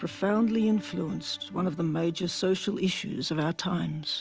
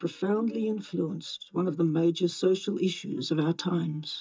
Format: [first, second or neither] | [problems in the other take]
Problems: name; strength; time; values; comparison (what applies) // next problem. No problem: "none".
first | noise reduction (neural mask model DeepFilterNet 3)